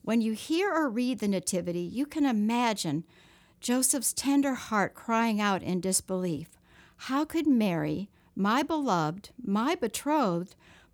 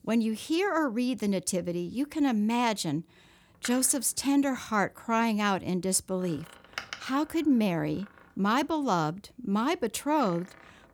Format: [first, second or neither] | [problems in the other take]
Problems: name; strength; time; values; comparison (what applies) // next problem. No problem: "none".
first | door banging; noticeable; from 3.5 to 10 s; peak 10 dB below the speech